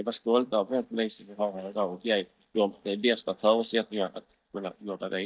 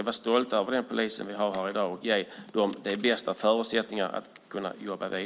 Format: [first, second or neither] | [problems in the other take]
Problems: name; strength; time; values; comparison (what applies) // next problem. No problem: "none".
second | noise reduction (neural mask model DeepFilterNet 3)